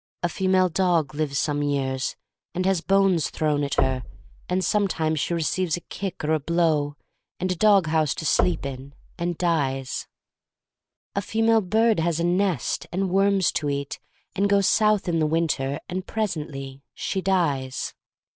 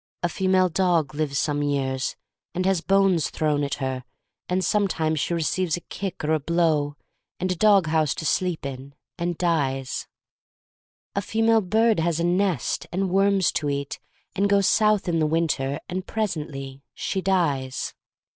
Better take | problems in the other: second | background sound (Knock); 7 dB below the speech

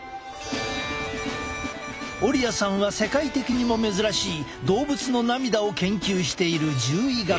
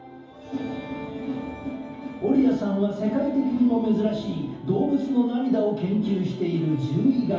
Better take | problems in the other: first | room echo; dies away in 0.9 s

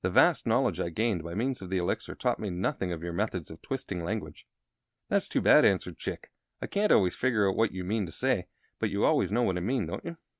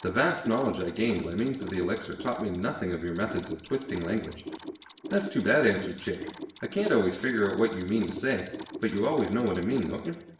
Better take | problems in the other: first | background sound (Mechanisms); 13 dB below the speech // room echo; dies away in 0.8 s

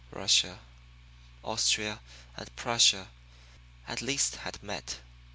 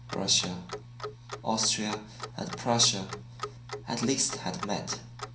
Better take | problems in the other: first | background sound (Clock); 11 dB below the speech // room echo; dies away in 0.6 s

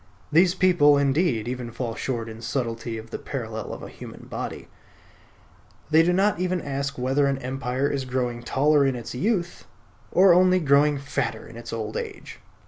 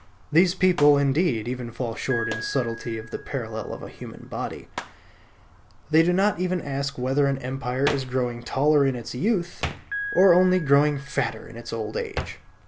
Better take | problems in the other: first | background sound (Hands + Piano); 13 dB below the speech

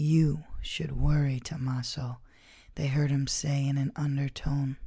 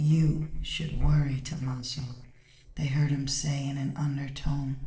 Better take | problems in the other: first | noise reduction (neural separator model SepFormer DNS4)

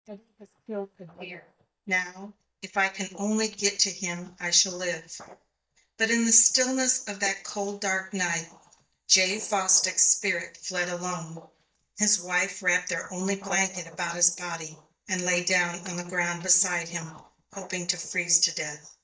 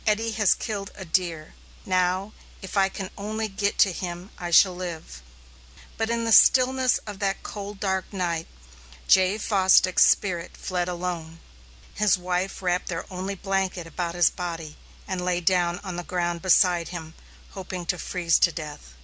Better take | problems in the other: second | noise reduction (neural mask model DeepFilterNet 3)

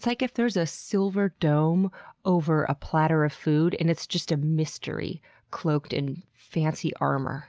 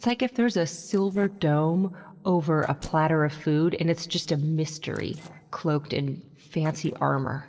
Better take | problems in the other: first | noise reduction (neural separator model SepFormer DNS4)

